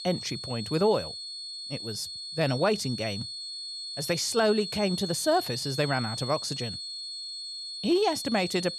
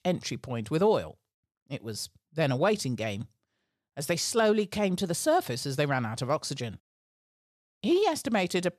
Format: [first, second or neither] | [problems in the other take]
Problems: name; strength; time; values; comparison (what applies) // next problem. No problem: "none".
second | high-pitched whine; loud; throughout; 4.5 kHz, 6 dB below the speech